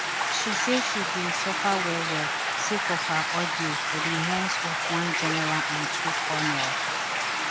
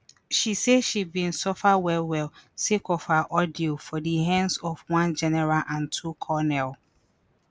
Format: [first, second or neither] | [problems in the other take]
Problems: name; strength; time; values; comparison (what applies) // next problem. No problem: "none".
second | background sound (Stream); 4 dB above the speech